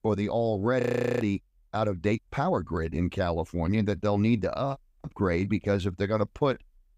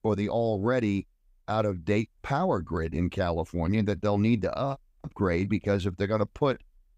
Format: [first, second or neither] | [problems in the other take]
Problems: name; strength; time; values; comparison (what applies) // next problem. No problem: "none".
second | audio freezing; at 1 s